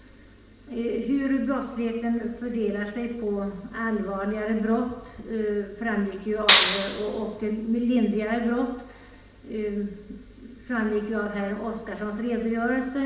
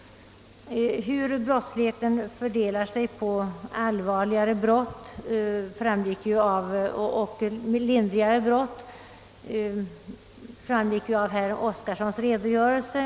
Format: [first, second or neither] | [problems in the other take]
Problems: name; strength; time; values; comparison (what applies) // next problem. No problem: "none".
second | background sound (Clapping); 5 dB above the speech // room echo; dies away in 0.8 s